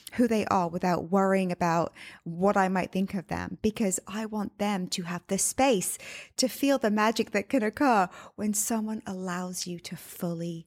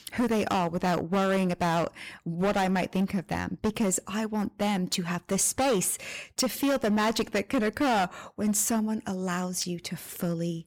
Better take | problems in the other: first | distortion; heavy; 12% of the sound clipped

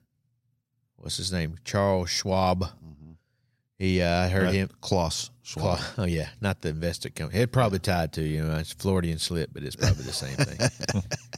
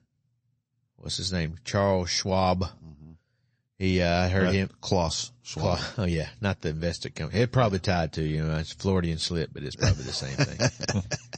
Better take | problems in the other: first | garbled, watery; slightly; nothing above 8 kHz

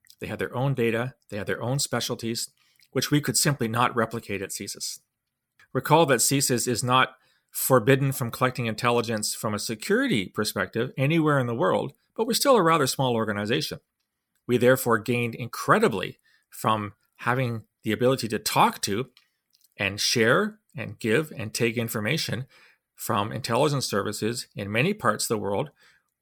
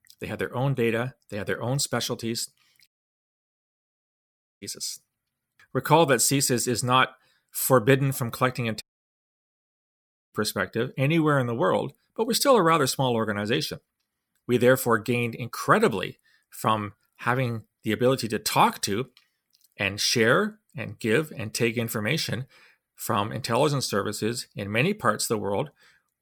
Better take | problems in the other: first | audio cutting out; at 3 s for 1.5 s and at 9 s for 1.5 s

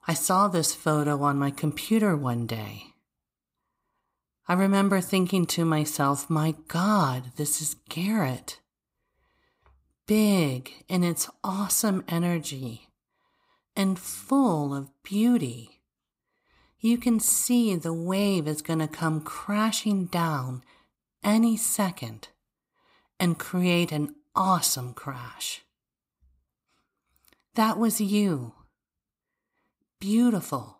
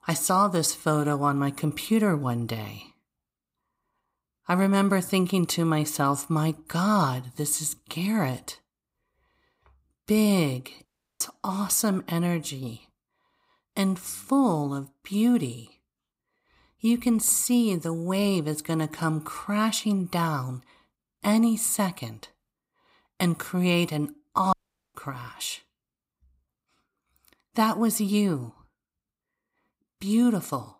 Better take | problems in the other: first | audio cutting out; at 11 s and at 25 s

